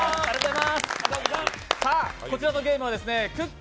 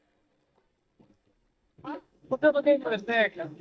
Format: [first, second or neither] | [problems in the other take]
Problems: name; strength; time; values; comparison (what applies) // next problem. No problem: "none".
first | noise reduction (neural mask model DeepFilterNet 3)